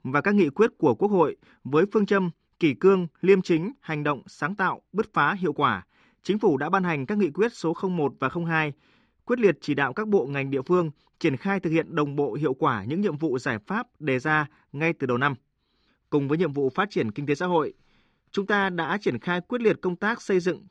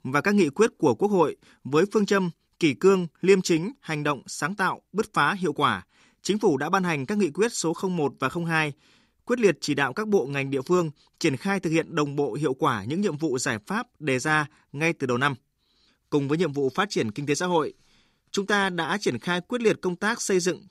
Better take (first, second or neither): second